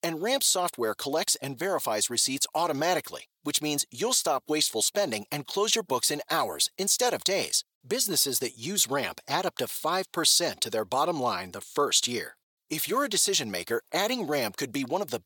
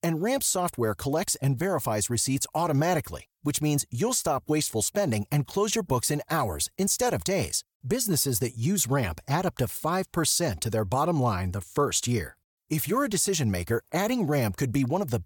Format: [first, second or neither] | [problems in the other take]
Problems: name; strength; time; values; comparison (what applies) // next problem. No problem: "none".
second | thin; somewhat; fading below 350 Hz